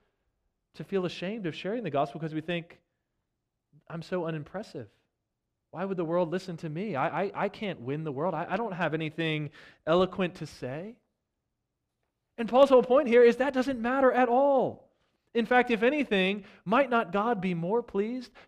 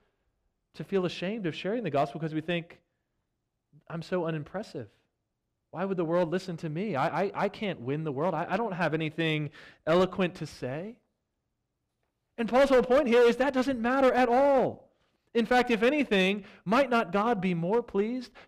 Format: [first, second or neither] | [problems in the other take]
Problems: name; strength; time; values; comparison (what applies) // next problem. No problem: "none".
first | distortion; slight; 3% of the sound clipped